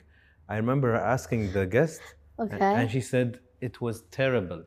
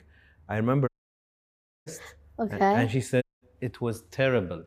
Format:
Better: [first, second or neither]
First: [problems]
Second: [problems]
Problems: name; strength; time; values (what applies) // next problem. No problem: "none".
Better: first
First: none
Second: audio cutting out; at 1 s for 1 s and at 3 s